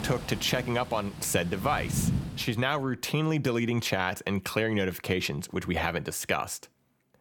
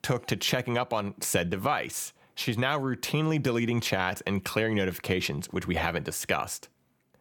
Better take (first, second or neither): second